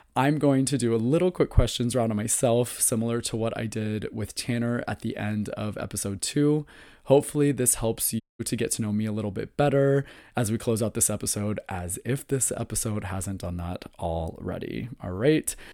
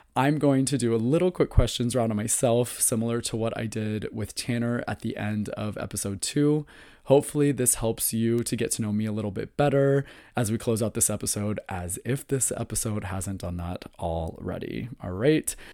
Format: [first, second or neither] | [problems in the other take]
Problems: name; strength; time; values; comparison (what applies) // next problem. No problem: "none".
second | audio cutting out; at 8 s